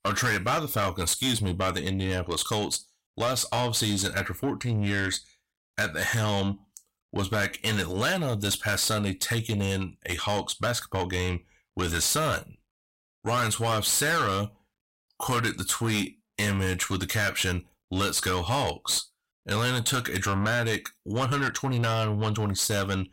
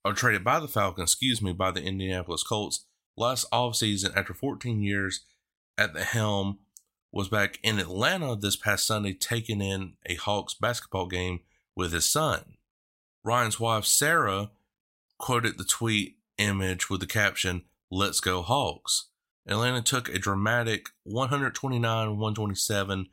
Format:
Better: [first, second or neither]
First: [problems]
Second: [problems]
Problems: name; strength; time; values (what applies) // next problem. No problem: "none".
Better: second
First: distortion; heavy; 7 dB below the speech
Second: none